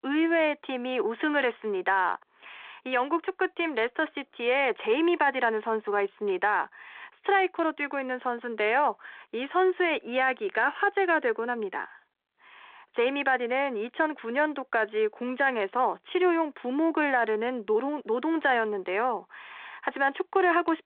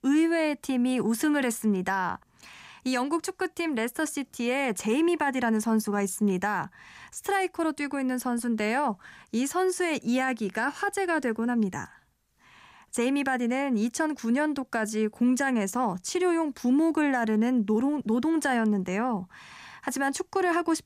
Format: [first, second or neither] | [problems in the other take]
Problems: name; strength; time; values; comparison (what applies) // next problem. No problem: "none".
second | phone-call audio